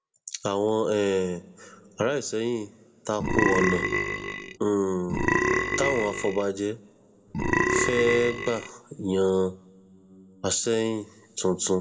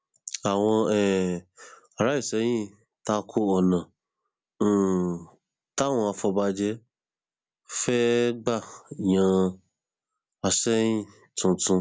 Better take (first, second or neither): second